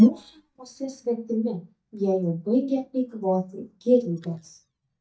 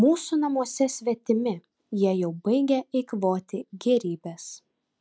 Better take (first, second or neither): second